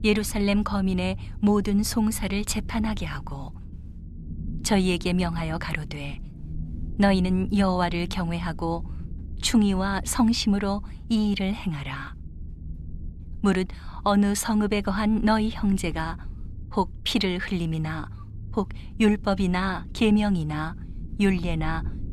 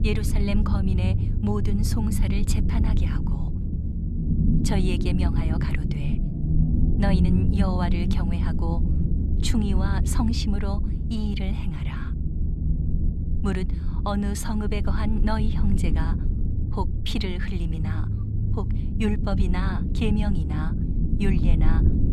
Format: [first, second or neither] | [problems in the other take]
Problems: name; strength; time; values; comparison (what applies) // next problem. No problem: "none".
first | low rumble; loud; throughout; 3 dB below the speech; faint in the first